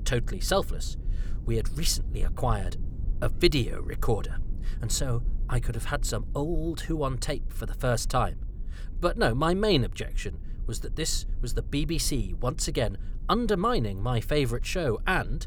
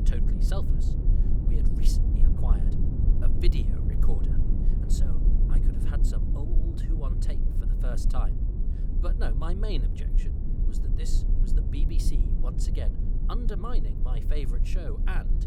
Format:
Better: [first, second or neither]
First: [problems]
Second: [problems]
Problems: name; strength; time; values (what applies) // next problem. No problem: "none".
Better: first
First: low rumble; faint; throughout; 25 dB below the speech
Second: low rumble; loud; throughout; 2 dB below the speech